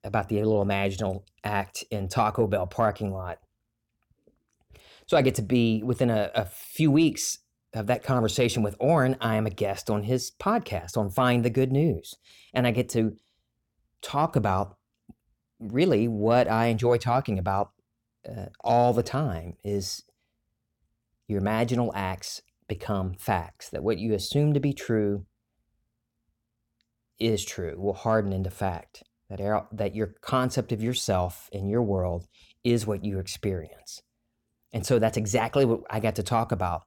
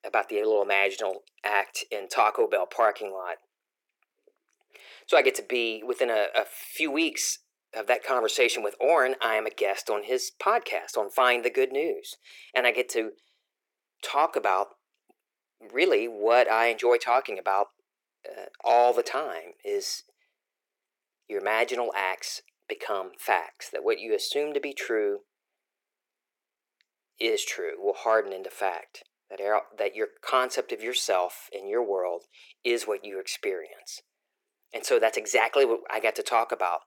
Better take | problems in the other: first | thin; very; fading below 350 Hz

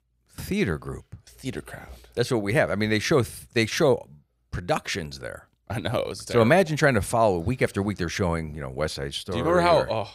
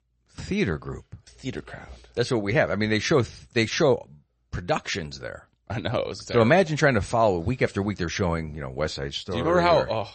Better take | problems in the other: first | garbled, watery; slightly; nothing above 8 kHz

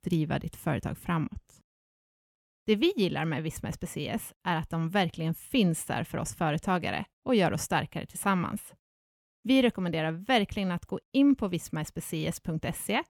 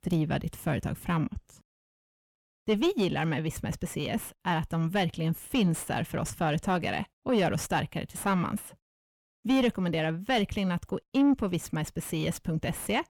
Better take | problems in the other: first | distortion; slight; 10 dB below the speech

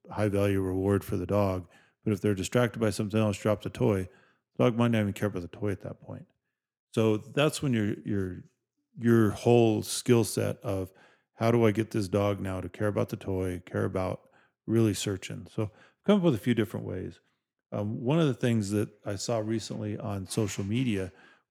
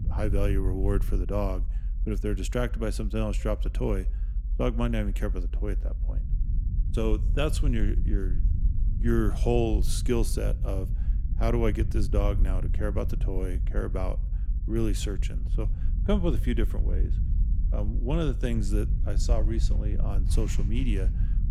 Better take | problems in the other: first | low rumble; noticeable; throughout; 15 dB below the speech

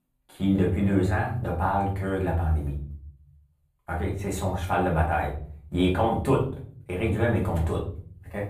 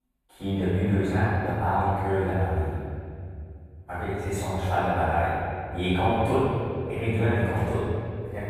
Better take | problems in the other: first | room echo; strong; dies away in 2.3 s; slight in the first // off-mic speech; far; far in the first

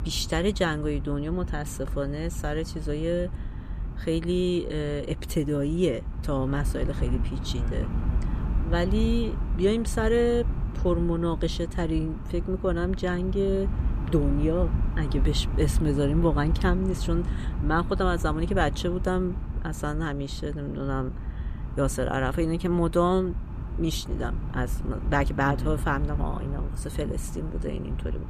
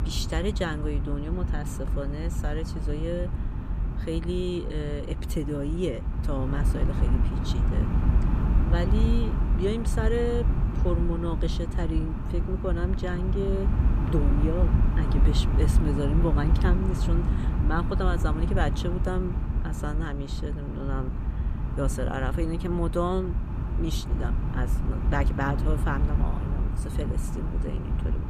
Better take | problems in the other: first | wind noise on the microphone; heavy; 6 dB below the speech; occasional gusts in the first

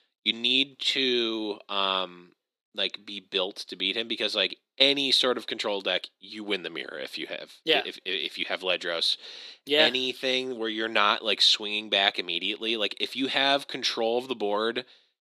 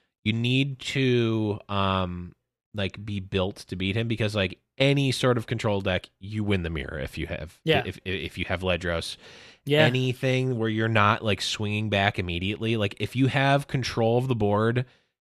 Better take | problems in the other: second | thin; somewhat; fading below 250 Hz

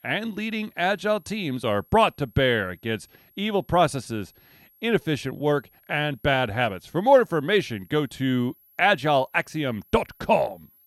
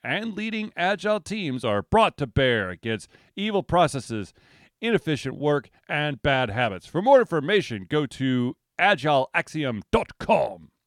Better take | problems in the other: second | high-pitched whine; faint; throughout; 11.5 kHz, 30 dB below the speech

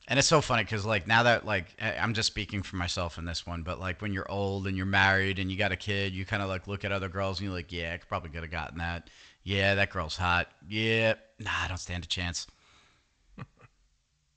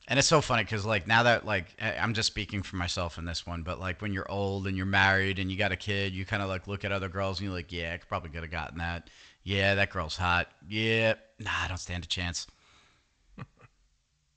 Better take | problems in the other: neither | garbled, watery; slightly; nothing above 8 kHz; the same in both

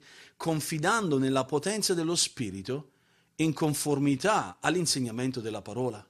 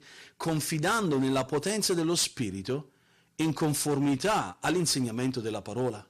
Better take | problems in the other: first | distortion; slight; 9% of the sound clipped

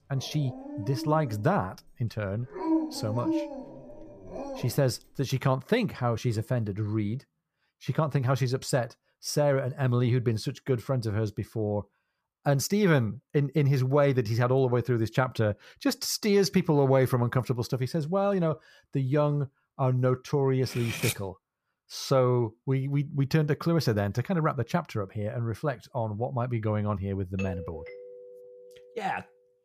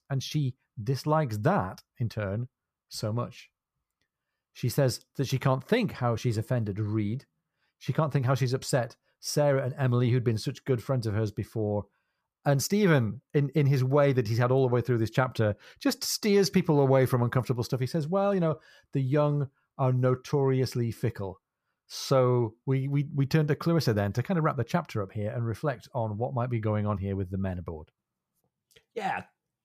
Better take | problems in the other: second | dog barking; noticeable; until 4.5 s; peak level with the speech // clattering dishes; noticeable; at 21 s; peak 3 dB below the speech // doorbell; faint; from 27 to 29 s; peak 10 dB below the speech

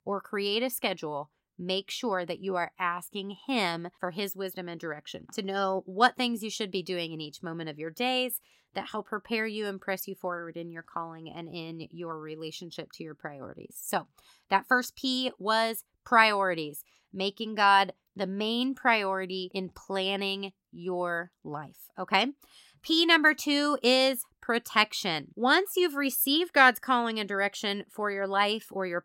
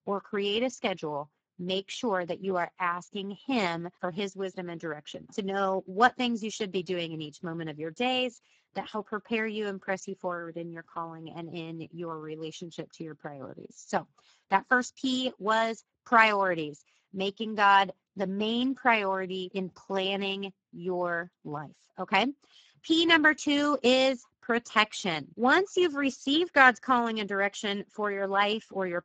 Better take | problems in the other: first | garbled, watery; badly; nothing above 7.5 kHz

